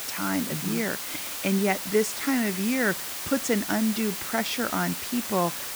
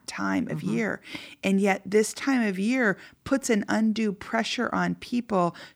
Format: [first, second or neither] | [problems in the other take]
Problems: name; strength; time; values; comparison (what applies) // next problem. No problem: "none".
second | hiss; loud; throughout; 4 dB below the speech